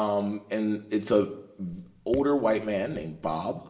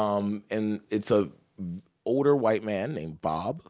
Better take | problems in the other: second | background sound (Raindrop / Drip); 18 dB below the speech // room echo; dies away in 0.7 s

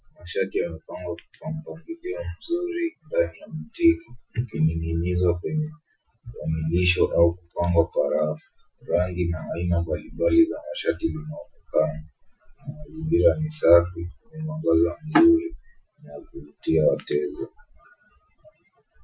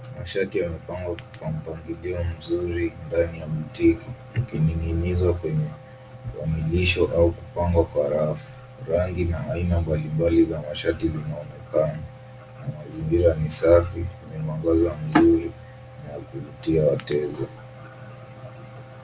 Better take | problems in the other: second | noise reduction (classical method Wiener filter)

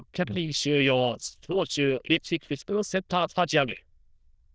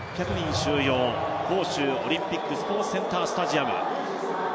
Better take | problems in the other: second | noise reduction (neural diffusion model UNIVERSE++)

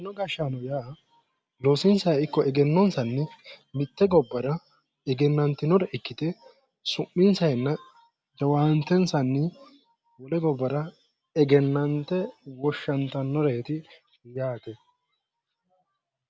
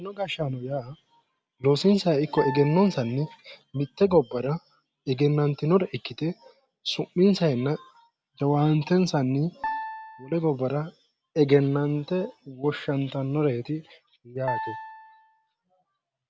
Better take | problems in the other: first | background sound (Piano); 10 dB below the speech

